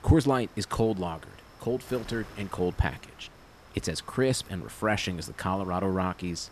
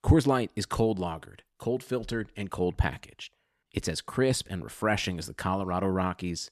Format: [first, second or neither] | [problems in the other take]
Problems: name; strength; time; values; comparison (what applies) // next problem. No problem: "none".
second | wind noise on the microphone; occasional gusts; 20 dB below the speech